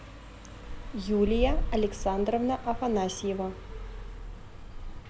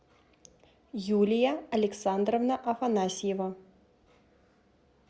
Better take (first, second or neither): second